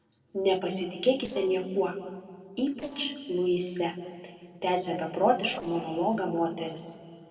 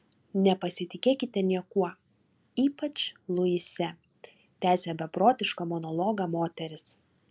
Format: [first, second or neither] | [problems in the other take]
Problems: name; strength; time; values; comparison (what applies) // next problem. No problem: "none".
second | noise reduction (neural separator model SepFormer DNS4)